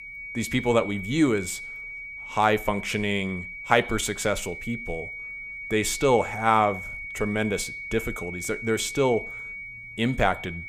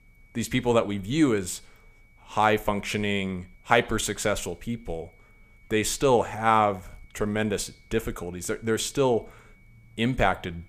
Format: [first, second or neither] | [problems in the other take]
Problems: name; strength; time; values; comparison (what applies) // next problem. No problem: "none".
second | high-pitched whine; loud; throughout; 2 kHz, 10 dB below the speech; faint in the second